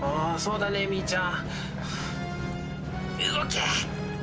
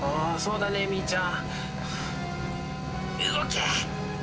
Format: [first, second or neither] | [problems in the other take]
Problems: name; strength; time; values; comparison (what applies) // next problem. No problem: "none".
first | background sound (Drill); 12 dB below the speech